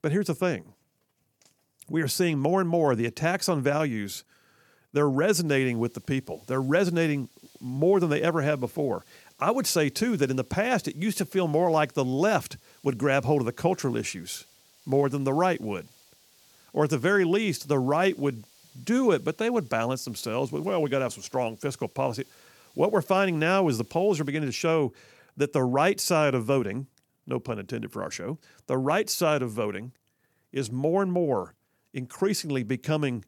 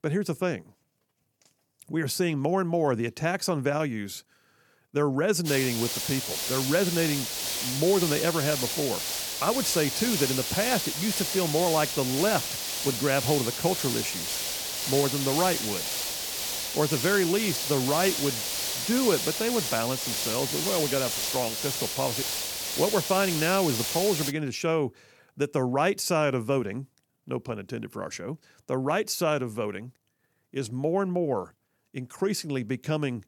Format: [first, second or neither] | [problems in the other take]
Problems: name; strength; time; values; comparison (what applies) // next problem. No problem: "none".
first | hiss; loud; from 5.5 to 24 s; 1 dB below the speech; faint in the first